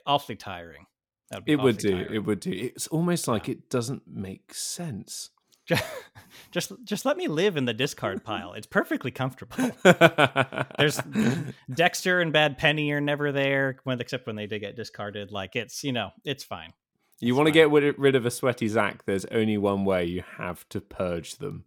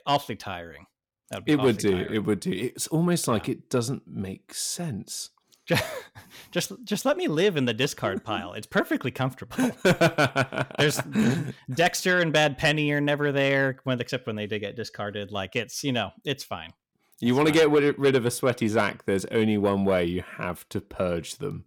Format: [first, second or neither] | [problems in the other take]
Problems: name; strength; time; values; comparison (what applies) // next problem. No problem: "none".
first | distortion; slight; 10 dB below the speech